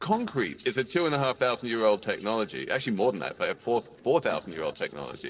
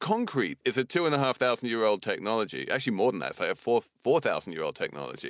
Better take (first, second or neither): second